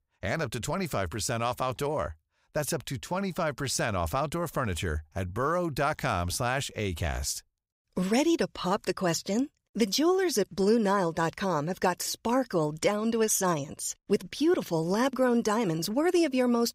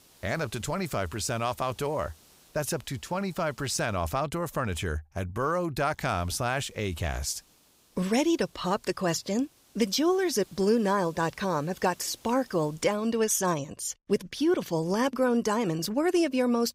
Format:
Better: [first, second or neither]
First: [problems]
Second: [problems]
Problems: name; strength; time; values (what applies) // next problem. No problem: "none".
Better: first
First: none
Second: hiss; faint; until 4 s and from 6 to 13 s; 30 dB below the speech